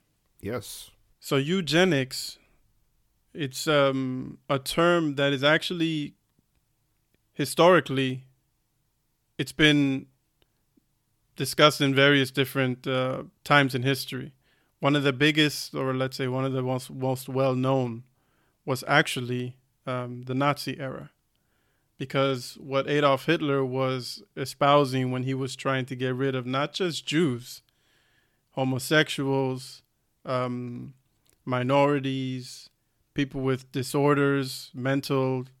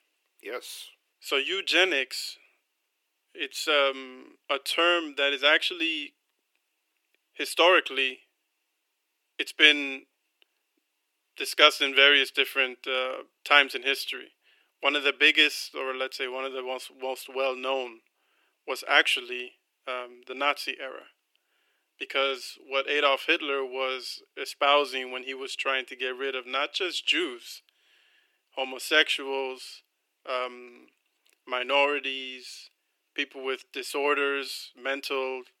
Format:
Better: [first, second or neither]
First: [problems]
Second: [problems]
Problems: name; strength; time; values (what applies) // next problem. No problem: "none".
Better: first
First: none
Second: thin; very; fading below 350 Hz